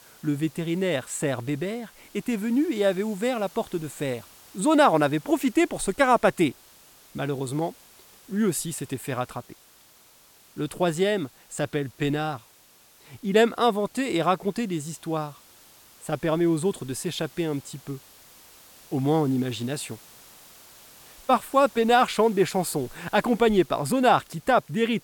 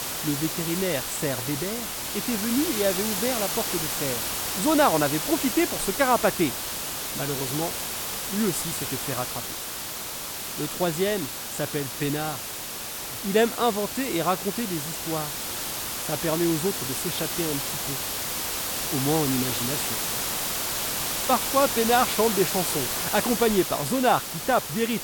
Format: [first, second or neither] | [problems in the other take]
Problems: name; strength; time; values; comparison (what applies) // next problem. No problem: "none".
first | hiss; loud; throughout; 1 dB below the speech; faint in the first